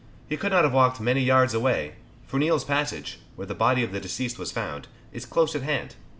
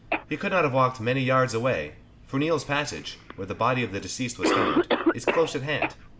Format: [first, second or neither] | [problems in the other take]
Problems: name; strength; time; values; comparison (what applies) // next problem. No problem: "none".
first | background sound (Cough); 4 dB below the speech